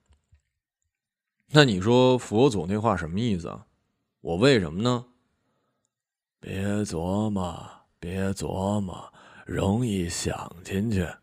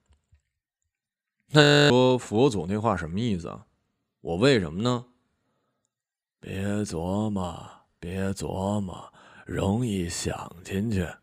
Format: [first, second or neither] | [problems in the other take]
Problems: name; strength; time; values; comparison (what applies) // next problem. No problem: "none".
first | audio freezing; at 1.5 s